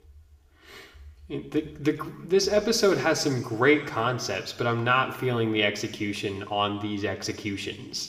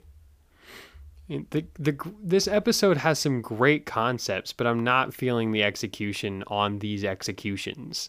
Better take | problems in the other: second | room echo; slight; dies away in 1.3 s

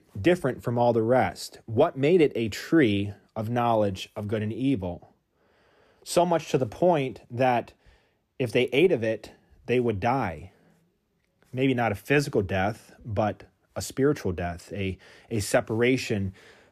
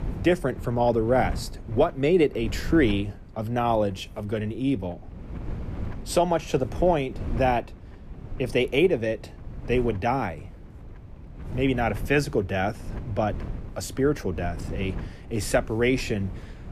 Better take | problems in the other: first | wind noise on the microphone; occasional gusts; 20 dB below the speech

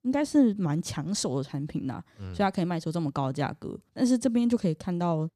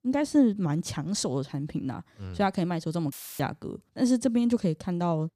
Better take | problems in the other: first | audio cutting out; filled with static; at 3 s

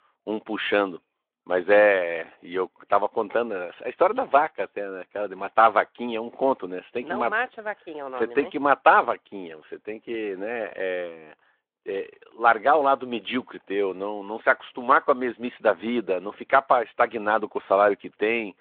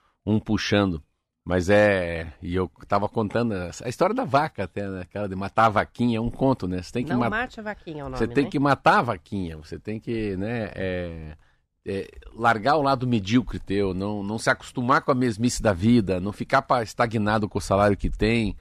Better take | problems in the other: second | phone-call audio

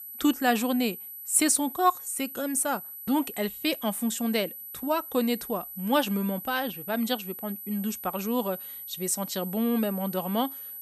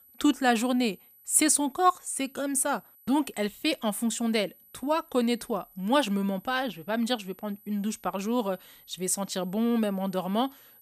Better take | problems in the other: second | high-pitched whine; loud; throughout; 12 kHz, 10 dB below the speech; faint in the second

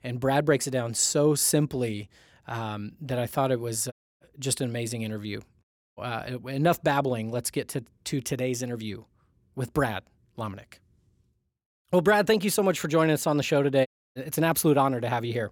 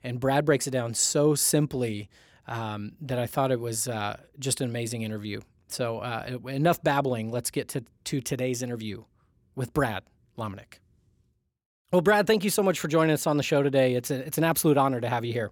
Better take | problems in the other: second | audio cutting out; at 4 s, at 5.5 s and at 14 s

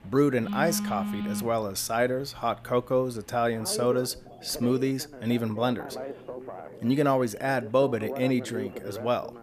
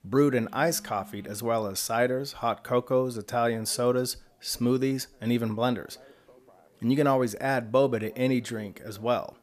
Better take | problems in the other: second | alarms or sirens; loud; throughout; 9 dB below the speech; faint in the second

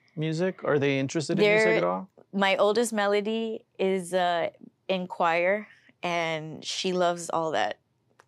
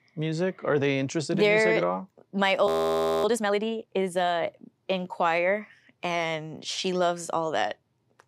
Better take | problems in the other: first | audio freezing; at 2.5 s for 0.5 s

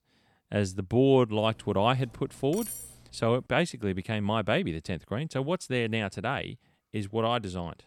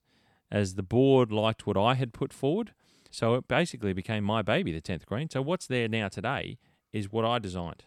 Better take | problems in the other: second | clattering dishes; noticeable; from 1.5 to 3.5 s; peak 9 dB below the speech

